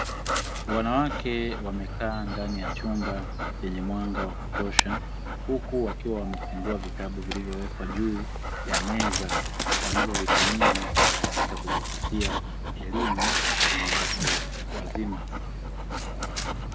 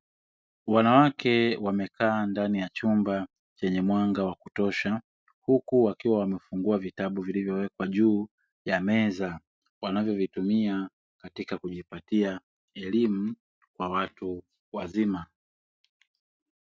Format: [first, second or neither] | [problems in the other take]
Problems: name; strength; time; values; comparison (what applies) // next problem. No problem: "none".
second | background sound (Dog); 5 dB above the speech